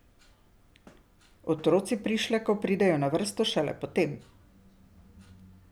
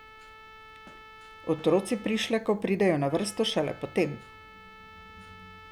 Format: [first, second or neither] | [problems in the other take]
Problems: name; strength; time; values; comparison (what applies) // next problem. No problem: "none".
first | background sound (Trumpet); 20 dB below the speech